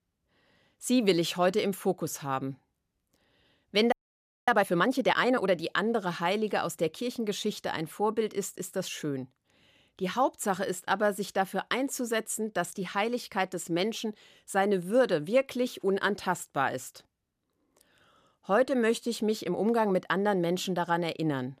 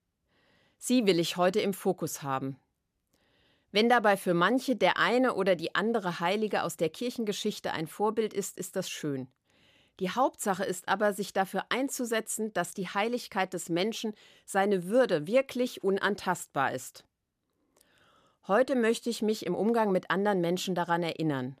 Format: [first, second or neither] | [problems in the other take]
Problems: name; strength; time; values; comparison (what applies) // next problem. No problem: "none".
second | audio freezing; at 4 s for 0.5 s